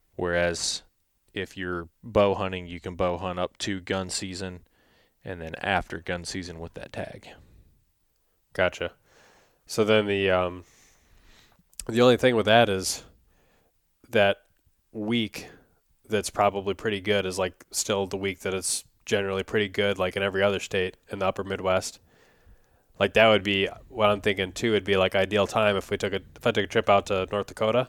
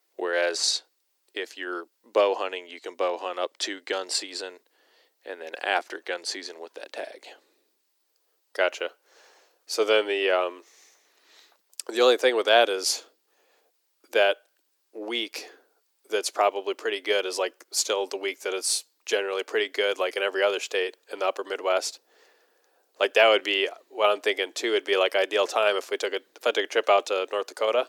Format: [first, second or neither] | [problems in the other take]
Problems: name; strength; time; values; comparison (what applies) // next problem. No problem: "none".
first | thin; very; fading below 350 Hz